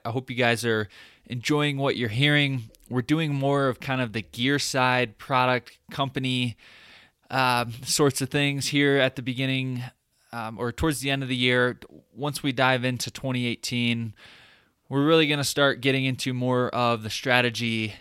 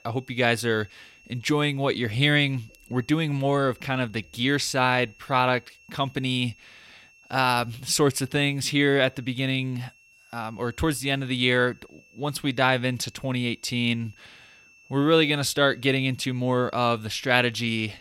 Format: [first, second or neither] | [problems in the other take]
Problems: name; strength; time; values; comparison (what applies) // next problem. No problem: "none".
first | high-pitched whine; faint; throughout; 2.5 kHz, 30 dB below the speech